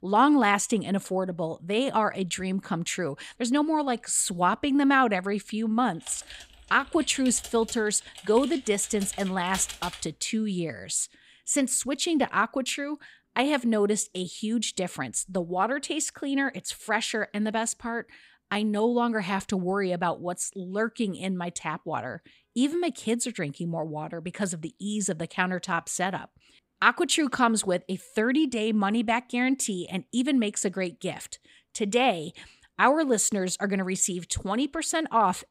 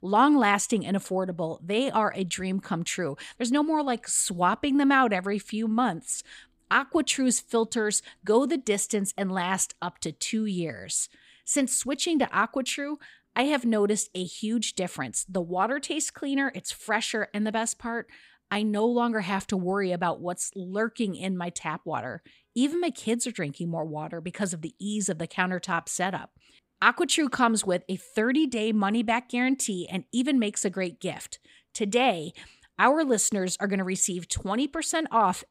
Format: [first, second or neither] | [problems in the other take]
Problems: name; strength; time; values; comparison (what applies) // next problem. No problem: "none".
second | keyboard typing; noticeable; from 6 to 10 s; peak 9 dB below the speech